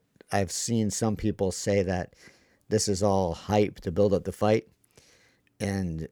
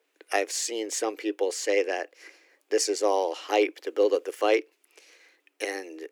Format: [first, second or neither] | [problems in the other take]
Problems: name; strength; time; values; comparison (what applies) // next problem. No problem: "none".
first | thin; very; fading below 300 Hz